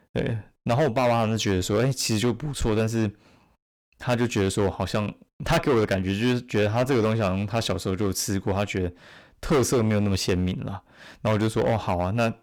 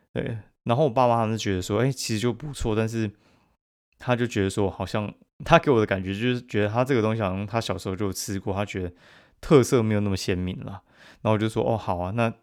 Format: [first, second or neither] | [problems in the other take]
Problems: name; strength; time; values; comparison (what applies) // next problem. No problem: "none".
second | distortion; heavy; 11% of the sound clipped